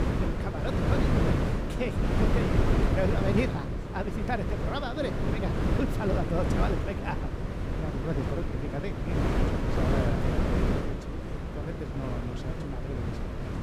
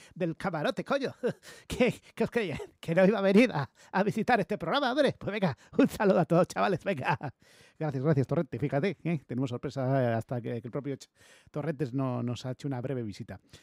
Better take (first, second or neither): second